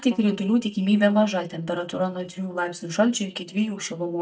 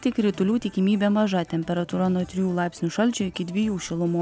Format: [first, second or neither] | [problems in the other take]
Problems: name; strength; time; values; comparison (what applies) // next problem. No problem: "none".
second | noise reduction (neural mask model DeepFilterNet 3)